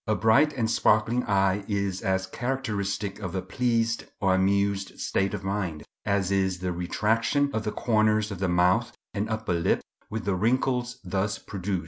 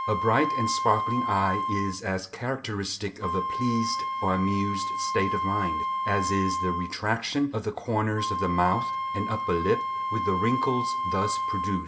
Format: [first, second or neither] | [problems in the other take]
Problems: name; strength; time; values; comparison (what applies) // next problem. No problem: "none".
first | background sound (Wind instrument, woodwind instrument); 2 dB below the speech // room echo; dies away in 0.3 s